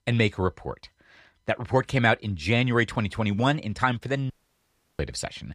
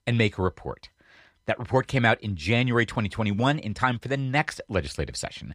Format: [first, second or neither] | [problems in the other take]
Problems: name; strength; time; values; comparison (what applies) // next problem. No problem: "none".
second | audio cutting out; at 4.5 s for 0.5 s